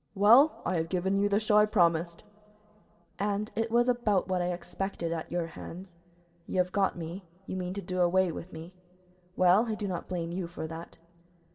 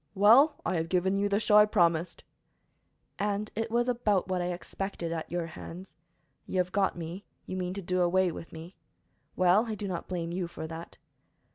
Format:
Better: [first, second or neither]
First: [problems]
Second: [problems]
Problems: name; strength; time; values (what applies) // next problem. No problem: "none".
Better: second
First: room echo; dies away in 0.3 s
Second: none